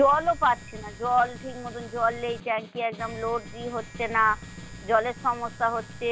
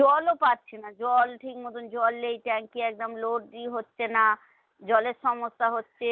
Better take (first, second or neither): second